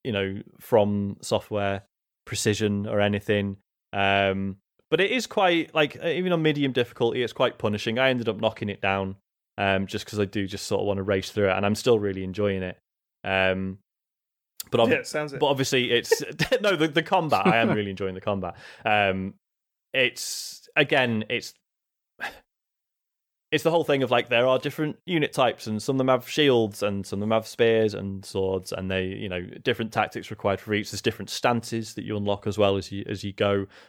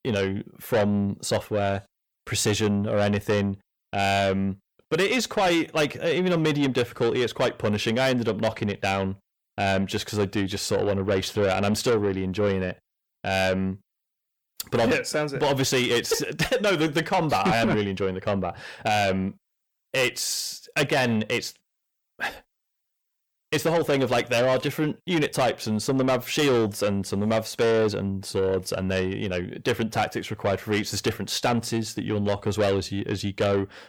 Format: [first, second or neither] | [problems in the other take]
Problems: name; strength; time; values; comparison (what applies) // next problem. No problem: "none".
first | distortion; heavy; 8 dB below the speech